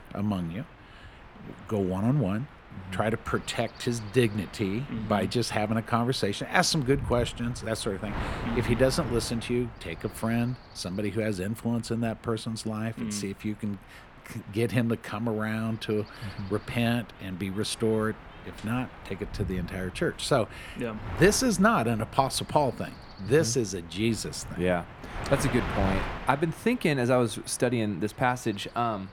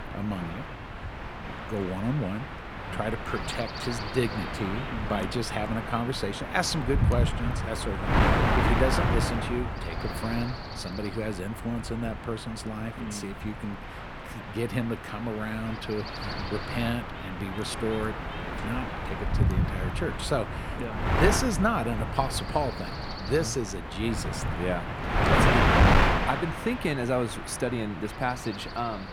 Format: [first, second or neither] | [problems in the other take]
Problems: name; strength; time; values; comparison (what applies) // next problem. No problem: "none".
first | wind noise on the microphone; heavy; 1 dB above the speech; occasional gusts in the first